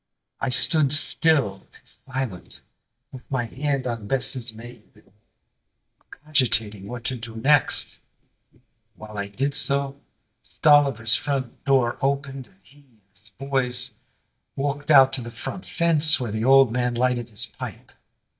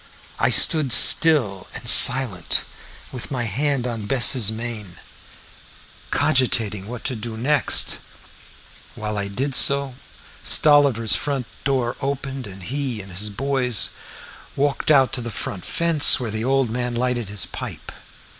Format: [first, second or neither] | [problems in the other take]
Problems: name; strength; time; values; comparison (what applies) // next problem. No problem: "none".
second | noise reduction (neural mask model DeepFilterNet 3)